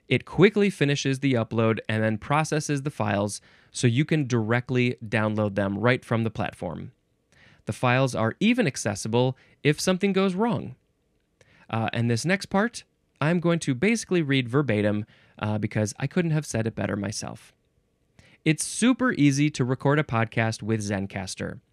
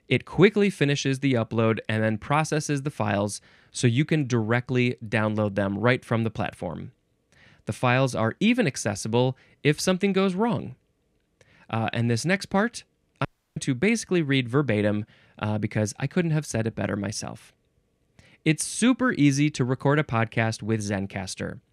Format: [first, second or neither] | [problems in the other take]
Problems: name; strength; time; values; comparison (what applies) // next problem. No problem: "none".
first | audio cutting out; at 13 s